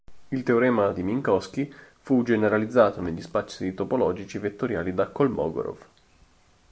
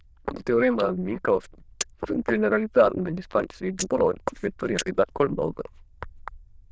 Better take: first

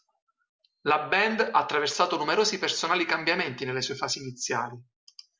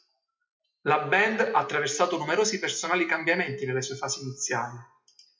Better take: first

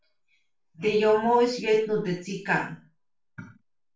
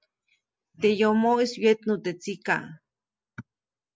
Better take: second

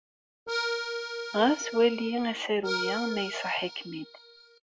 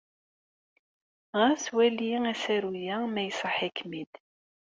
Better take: second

